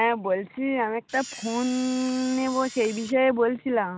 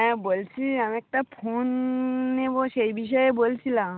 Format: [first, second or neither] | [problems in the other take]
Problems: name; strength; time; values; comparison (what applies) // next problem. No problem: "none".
second | background sound (Camera); 15 dB below the speech